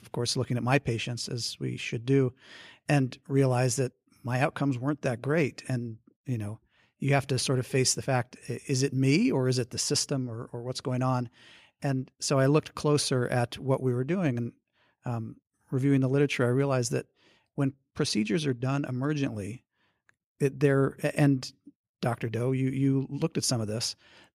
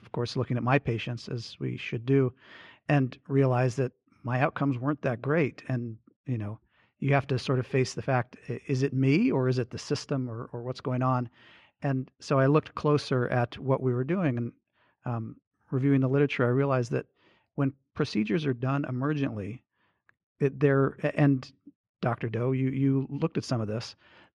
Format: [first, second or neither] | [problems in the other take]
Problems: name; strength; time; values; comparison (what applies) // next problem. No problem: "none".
first | muffled; slightly; fading above 3 kHz